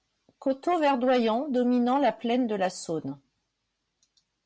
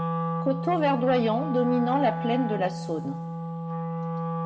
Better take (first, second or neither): first